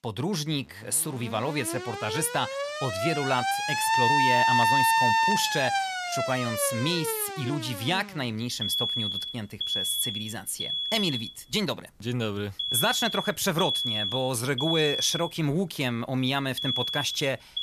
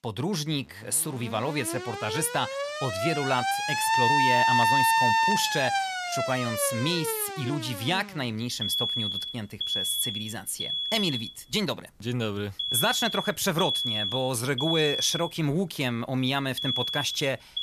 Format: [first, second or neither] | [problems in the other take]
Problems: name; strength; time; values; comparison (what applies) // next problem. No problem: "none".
neither | alarms or sirens; very loud; throughout; 2 dB above the speech; the same in both